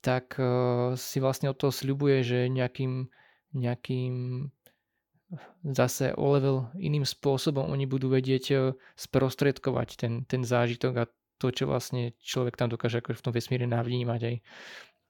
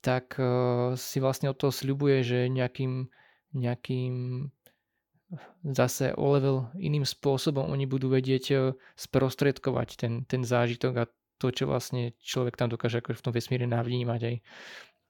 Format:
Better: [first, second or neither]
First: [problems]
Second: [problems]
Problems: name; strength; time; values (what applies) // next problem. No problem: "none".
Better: neither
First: none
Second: none